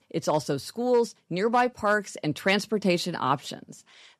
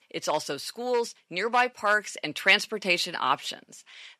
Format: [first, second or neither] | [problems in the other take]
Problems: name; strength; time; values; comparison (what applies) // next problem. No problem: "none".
first | thin; somewhat; fading below 800 Hz